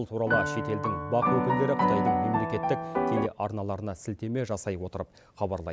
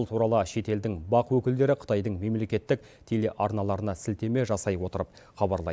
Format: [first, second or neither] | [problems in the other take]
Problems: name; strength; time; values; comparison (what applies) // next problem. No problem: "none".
second | background sound (Piano); 3 dB above the speech